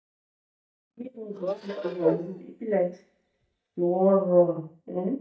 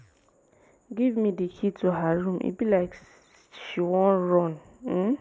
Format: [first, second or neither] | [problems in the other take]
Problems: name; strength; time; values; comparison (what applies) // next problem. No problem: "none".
second | noise reduction (neural mask model DeepFilterNet 3)